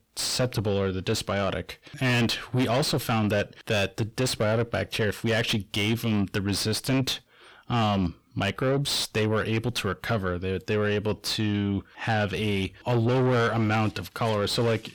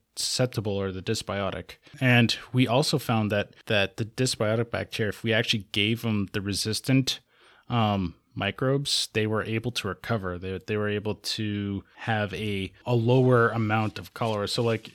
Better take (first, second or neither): second